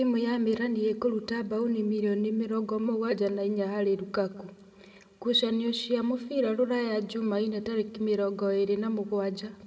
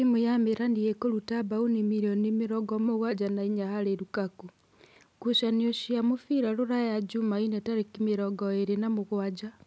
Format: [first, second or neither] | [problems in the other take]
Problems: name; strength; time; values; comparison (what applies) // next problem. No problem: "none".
second | room echo; dies away in 1.3 s